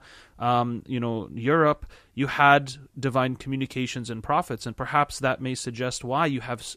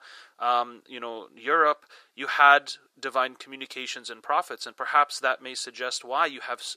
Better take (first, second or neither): first